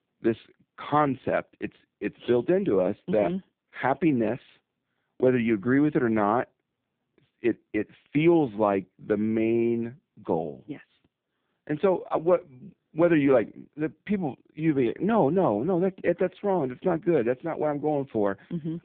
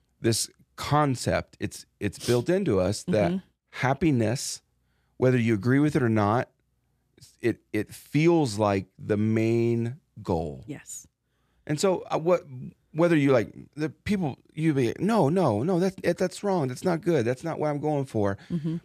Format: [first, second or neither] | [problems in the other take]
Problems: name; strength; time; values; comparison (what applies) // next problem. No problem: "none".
second | phone-call audio; poor line